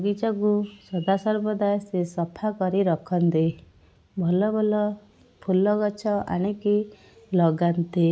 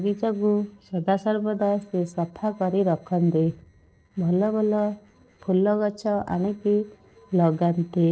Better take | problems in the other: first | noise reduction (neural separator model SepFormer DNS4)

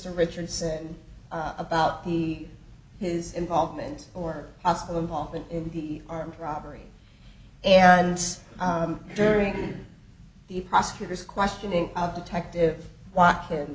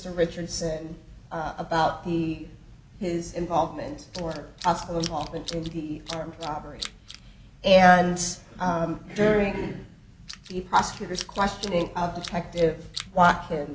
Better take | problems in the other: first | background sound (Tools); 15 dB below the speech

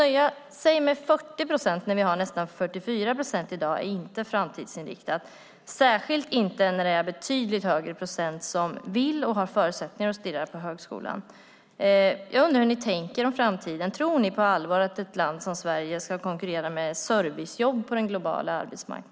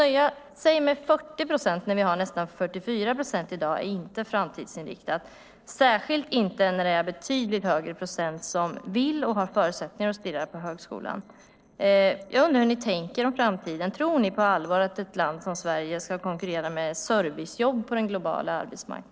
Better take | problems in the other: first | noise reduction (neural separator model SepFormer DNS4)

